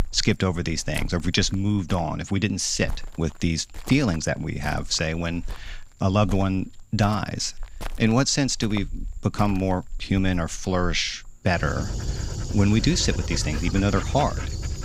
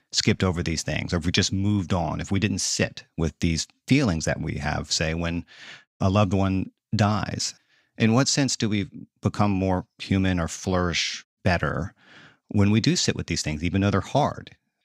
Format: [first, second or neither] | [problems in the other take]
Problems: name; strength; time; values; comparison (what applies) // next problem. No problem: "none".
second | animal sounds; noticeable; throughout; 10 dB below the speech